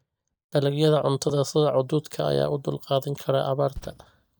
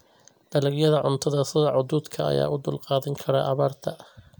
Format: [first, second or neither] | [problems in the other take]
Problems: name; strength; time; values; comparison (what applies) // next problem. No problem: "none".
second | noise reduction (neural mask model DeepFilterNet 3)